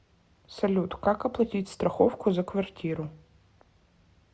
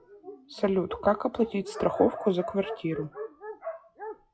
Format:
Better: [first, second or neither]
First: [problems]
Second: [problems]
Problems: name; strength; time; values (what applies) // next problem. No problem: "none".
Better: first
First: none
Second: noise reduction (classical method WPE with log-MMSE)